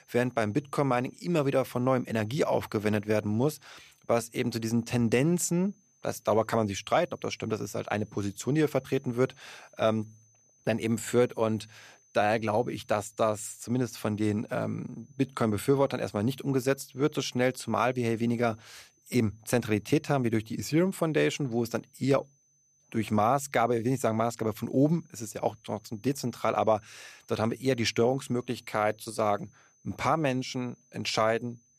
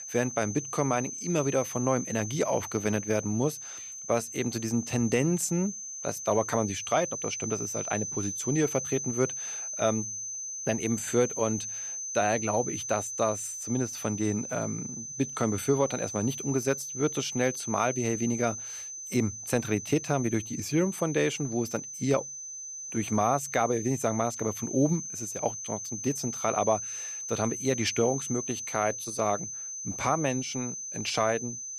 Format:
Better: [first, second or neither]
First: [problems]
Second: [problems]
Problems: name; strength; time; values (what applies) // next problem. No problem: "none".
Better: first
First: high-pitched whine; faint; throughout; 6 kHz, 35 dB below the speech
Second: high-pitched whine; loud; throughout; 6 kHz, 5 dB below the speech